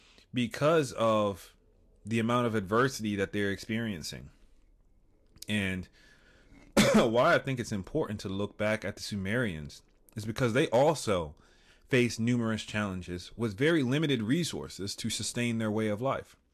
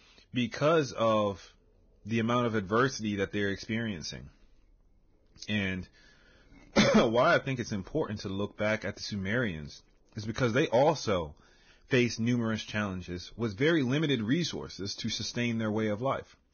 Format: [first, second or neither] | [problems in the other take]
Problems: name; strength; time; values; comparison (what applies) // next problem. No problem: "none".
first | garbled, watery; badly; nothing above 6.5 kHz; slightly in the first